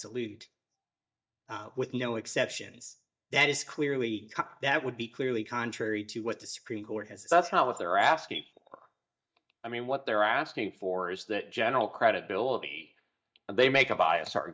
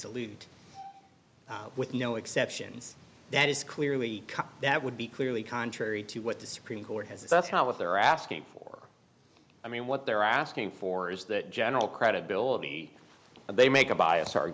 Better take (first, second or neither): second